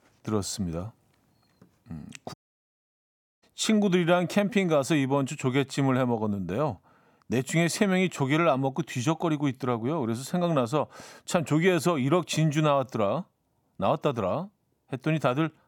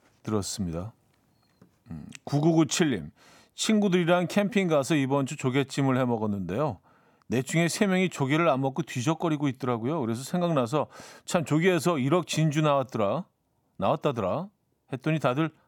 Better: second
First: audio cutting out; at 2.5 s for 1 s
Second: none

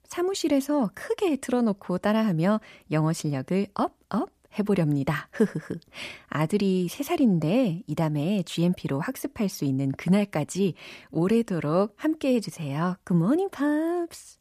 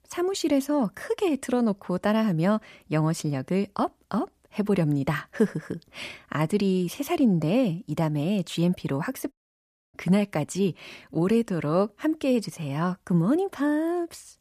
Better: first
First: none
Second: audio cutting out; at 9.5 s for 0.5 s

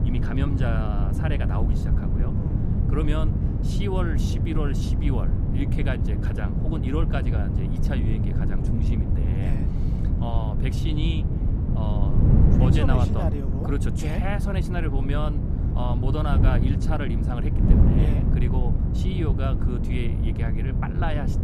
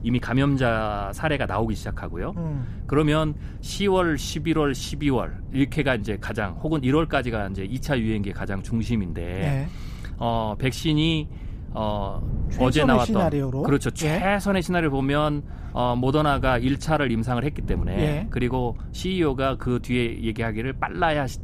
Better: second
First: wind noise on the microphone; heavy; 1 dB below the speech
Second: wind noise on the microphone; occasional gusts; 20 dB below the speech

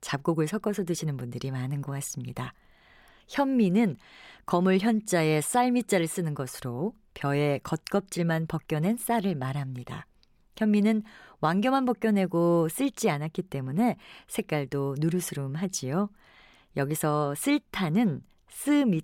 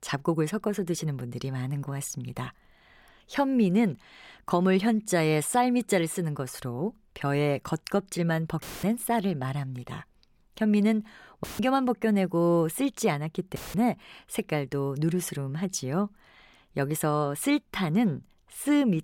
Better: first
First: none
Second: audio cutting out; filled with static; at 8.5 s, at 11 s and at 14 s

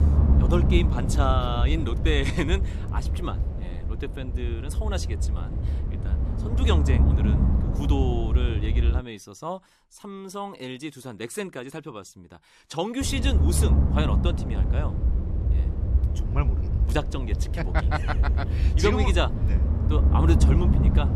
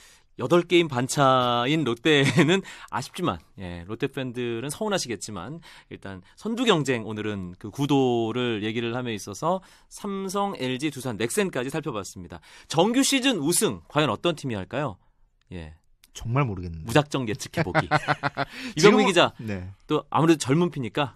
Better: second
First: low rumble; loud; until 9 s and from 13 s on; 6 dB below the speech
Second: none

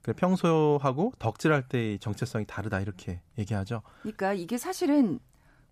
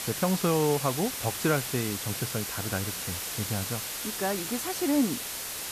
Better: first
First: none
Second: hiss; loud; throughout; 2 dB below the speech

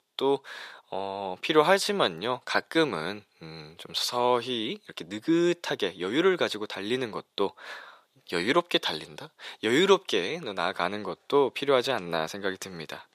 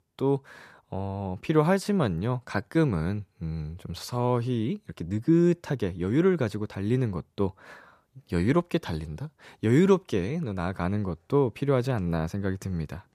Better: second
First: thin; somewhat; fading below 450 Hz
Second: none

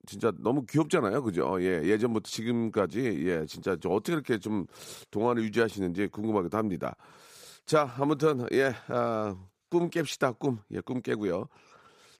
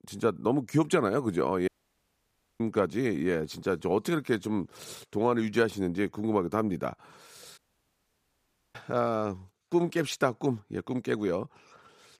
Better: first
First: none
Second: audio cutting out; at 1.5 s for 1 s and at 7.5 s for 1 s

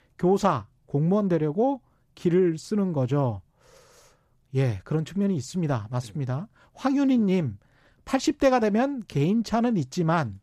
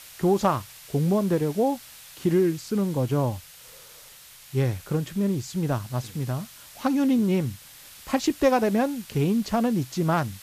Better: first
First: none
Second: hiss; noticeable; throughout; 20 dB below the speech

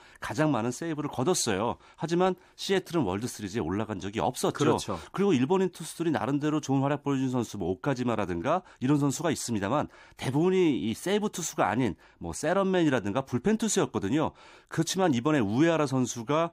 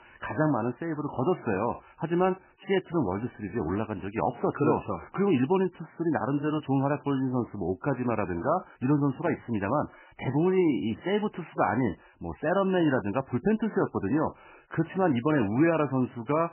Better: first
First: none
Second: garbled, watery; badly; nothing above 3 kHz

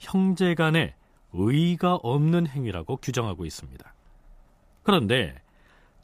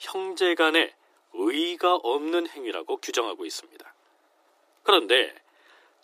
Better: first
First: none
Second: thin; very; fading below 300 Hz

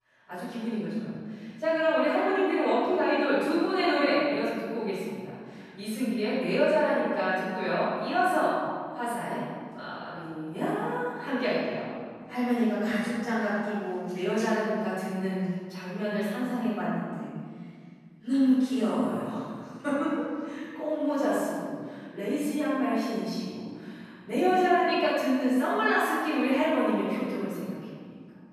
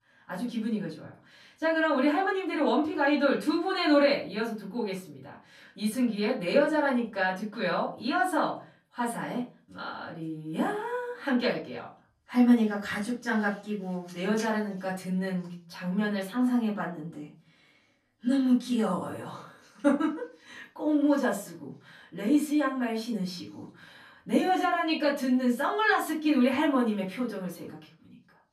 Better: second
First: room echo; strong; dies away in 2.1 s // off-mic speech; far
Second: room echo; slight; dies away in 0.3 s // off-mic speech; far

